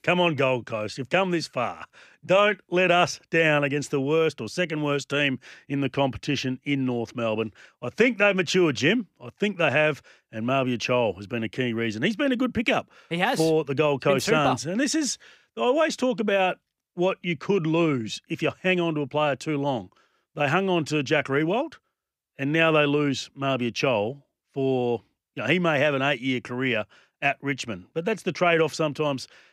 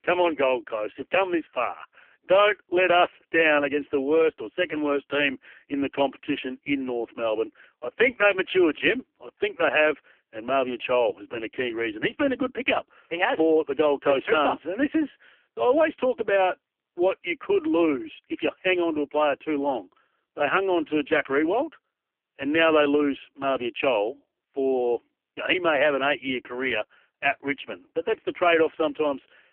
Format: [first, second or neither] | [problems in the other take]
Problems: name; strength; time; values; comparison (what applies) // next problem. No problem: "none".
first | phone-call audio; poor line; nothing above 3 kHz